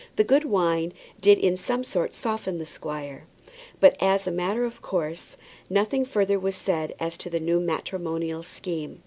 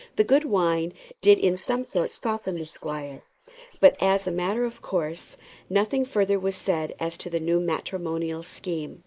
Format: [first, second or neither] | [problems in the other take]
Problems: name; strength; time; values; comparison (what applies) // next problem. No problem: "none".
first | noise reduction (neural mask model Resemble Enhance denoiser)